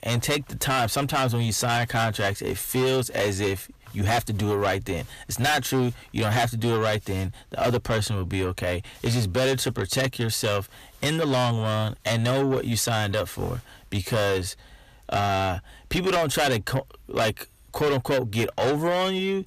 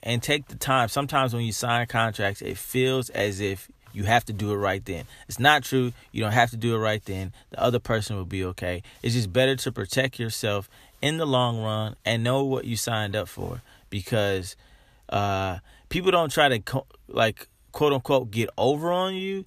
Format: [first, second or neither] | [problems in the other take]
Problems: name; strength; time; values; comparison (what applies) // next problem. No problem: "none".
second | distortion; heavy; 6 dB below the speech